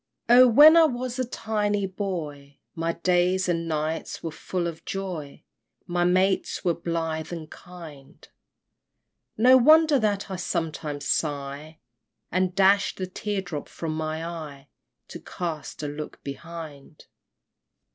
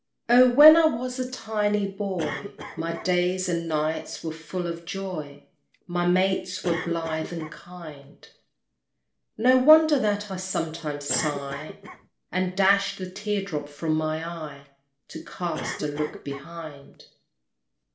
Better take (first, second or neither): first